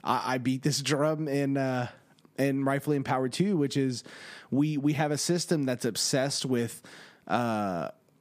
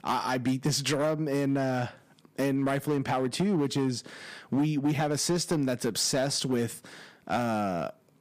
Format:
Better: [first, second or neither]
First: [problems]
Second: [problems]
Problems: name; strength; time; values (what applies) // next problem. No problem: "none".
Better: first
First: none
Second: distortion; slight; 6% of the sound clipped